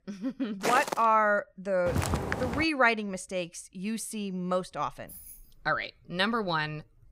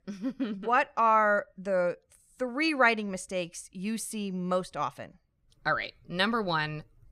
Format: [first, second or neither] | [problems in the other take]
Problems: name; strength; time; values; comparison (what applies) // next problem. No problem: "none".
second | footsteps; noticeable; at 0.5 s and at 2 s; peak 1 dB below the speech // jangling keys; faint; at 5 s; peak 15 dB below the speech